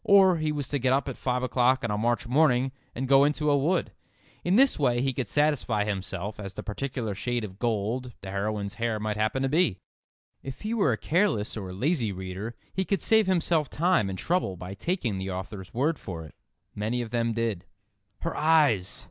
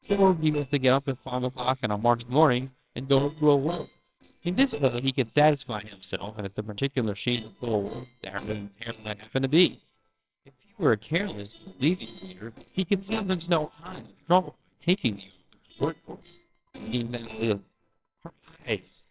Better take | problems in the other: first | noise reduction (neural separator model SepFormer WHAMR!)

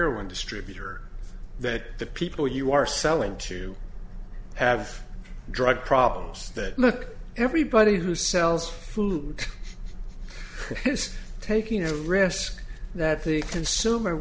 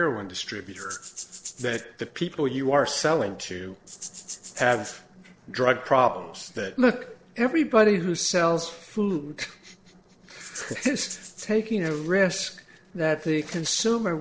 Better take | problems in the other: first | noise reduction (neural separator model SepFormer DNS4)

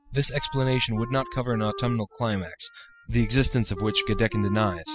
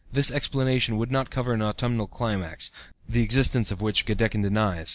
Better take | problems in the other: second | noise reduction (classical method spectral subtraction)

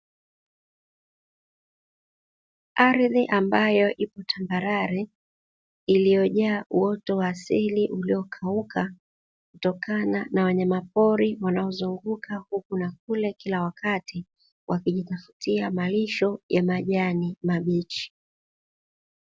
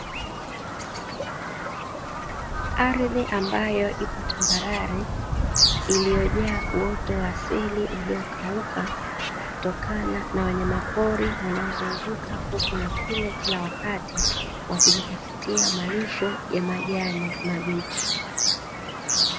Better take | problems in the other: first | background sound (Bird vocalization, bird call, bird song); 1 dB above the speech

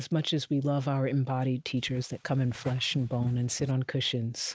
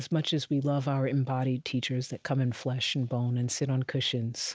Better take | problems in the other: second | noise reduction (neural mask model Resemble Enhance denoiser)

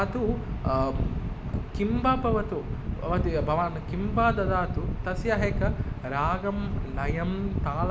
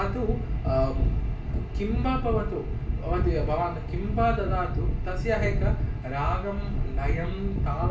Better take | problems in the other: first | room echo; dies away in 0.3 s

